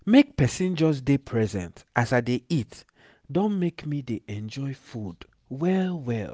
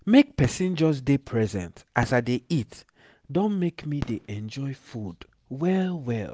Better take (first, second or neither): first